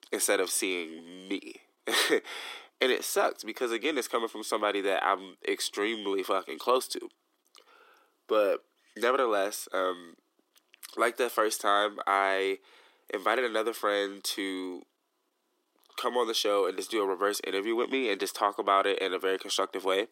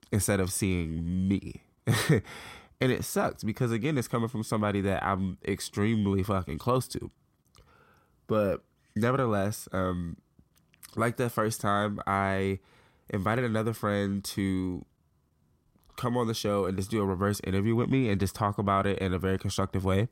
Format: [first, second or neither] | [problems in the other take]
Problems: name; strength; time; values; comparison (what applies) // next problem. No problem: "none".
second | thin; very; fading below 300 Hz